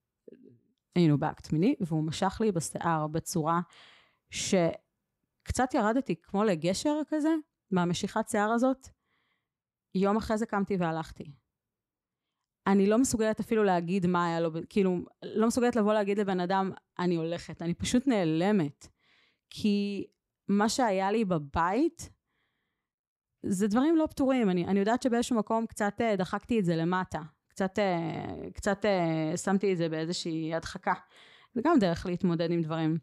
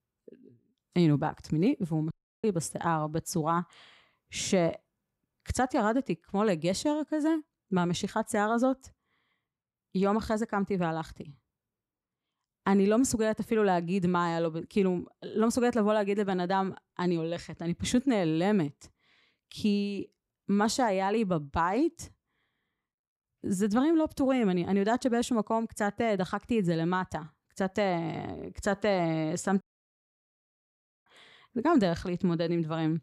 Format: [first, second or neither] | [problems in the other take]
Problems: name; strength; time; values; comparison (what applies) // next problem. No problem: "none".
first | audio cutting out; at 2 s and at 30 s for 1.5 s